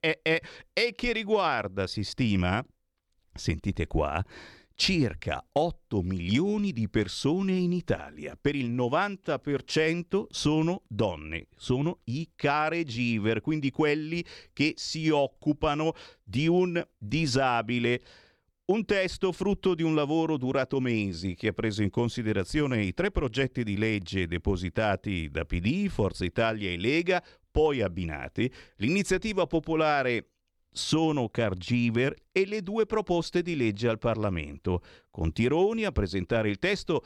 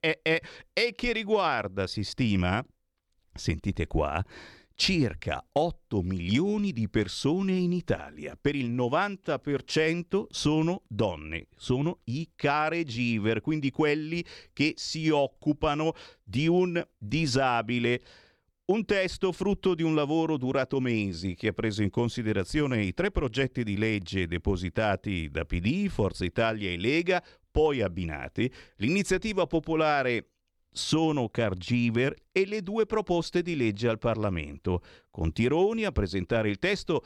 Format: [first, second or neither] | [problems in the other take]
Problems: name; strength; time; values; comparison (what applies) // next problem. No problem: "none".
neither | none